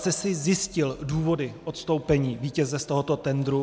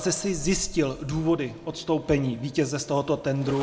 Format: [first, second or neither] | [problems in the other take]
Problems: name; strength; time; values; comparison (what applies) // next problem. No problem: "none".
first | background sound (Zipper (clothing)); 15 dB below the speech // room echo; dies away in 0.4 s